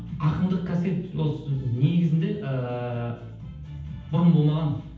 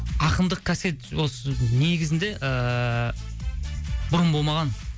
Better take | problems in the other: second | room echo; dies away in 0.8 s

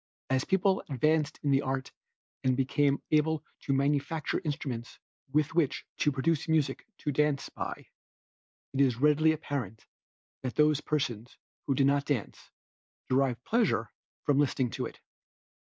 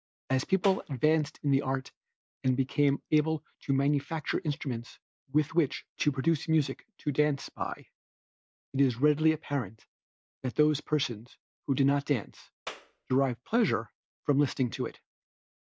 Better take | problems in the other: first | background sound (Clapping); 14 dB below the speech

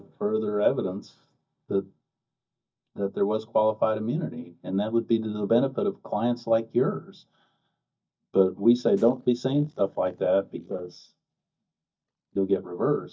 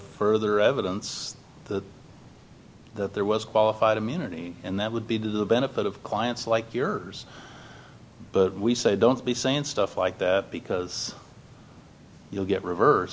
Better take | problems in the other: second | noise reduction (neural mask model DeepFilterNet 3)

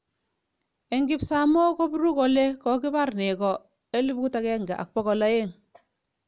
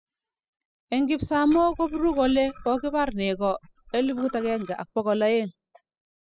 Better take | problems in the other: first | noise reduction (classical method spectral subtraction)

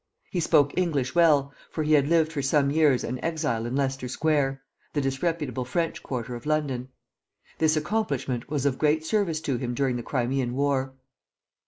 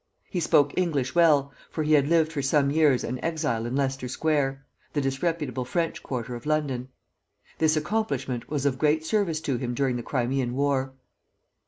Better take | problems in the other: second | noise reduction (neural mask model Resemble Enhance denoiser)

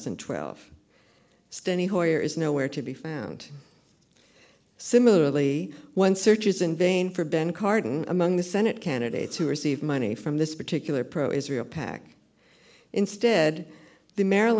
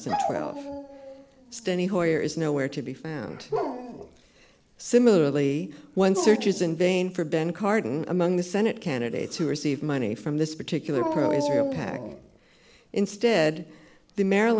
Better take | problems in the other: first | background sound (Dog); 9 dB below the speech

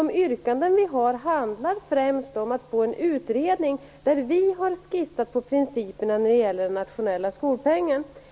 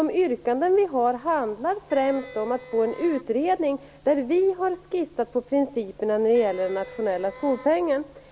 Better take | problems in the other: first | background sound (Wind instrument, woodwind instrument); 20 dB below the speech

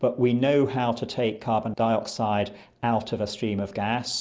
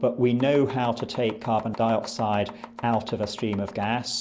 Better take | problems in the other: first | background sound (Domestic sounds, home sounds + Bass guitar); 16 dB below the speech

